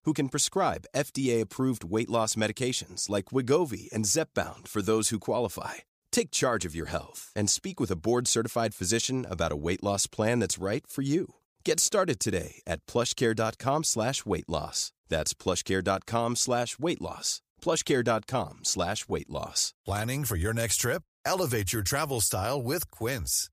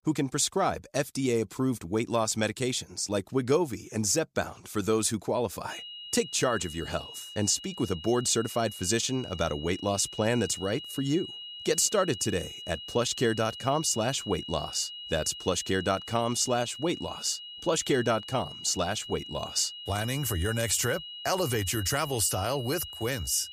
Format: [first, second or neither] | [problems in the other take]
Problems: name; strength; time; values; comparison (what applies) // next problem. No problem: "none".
first | high-pitched whine; noticeable; from 5.5 s on; 3 kHz, 10 dB below the speech